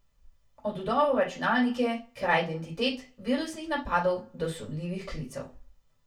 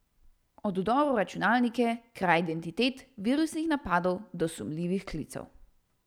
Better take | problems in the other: second | room echo; dies away in 0.2 s

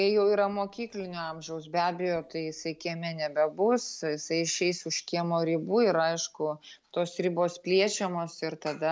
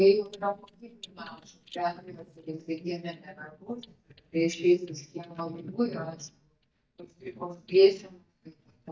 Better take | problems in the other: first | noise reduction (neural mask model DeepFilterNet 3)

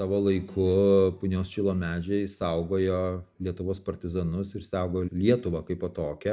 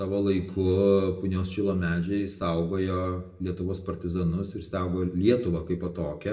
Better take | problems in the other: first | room echo; dies away in 0.5 s

